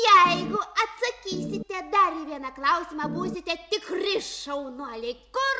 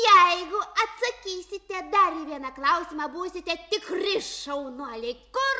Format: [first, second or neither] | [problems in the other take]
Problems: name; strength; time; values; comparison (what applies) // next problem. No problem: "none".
second | background sound (Organ); 6 dB below the speech